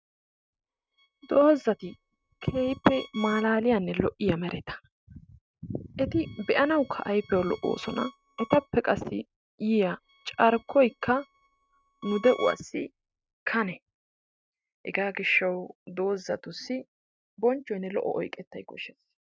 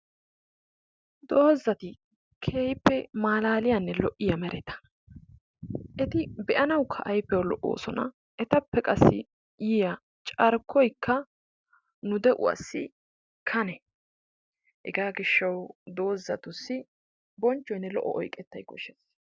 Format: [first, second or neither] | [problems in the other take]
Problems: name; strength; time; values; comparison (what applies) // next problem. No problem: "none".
second | noise reduction (neural mask model RNNoise)